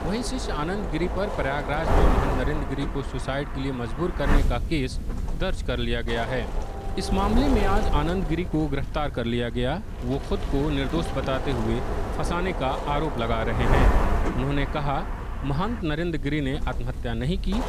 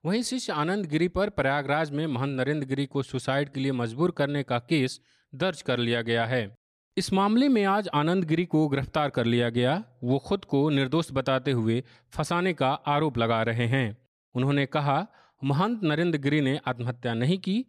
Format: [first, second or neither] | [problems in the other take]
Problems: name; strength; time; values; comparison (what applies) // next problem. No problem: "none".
second | wind noise on the microphone; heavy; 2 dB below the speech